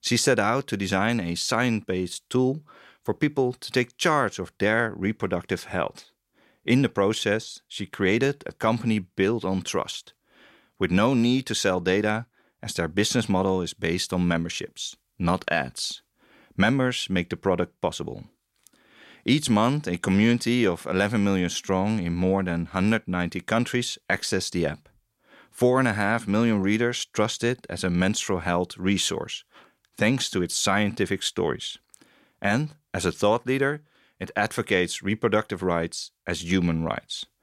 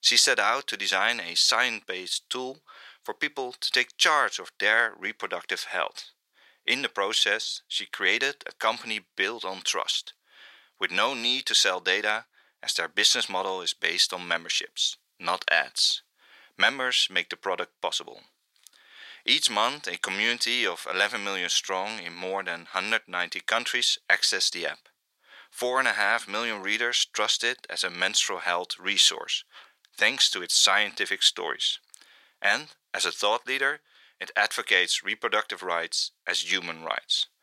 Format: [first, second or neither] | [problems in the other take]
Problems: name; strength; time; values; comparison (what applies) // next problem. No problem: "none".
first | thin; very; fading below 750 Hz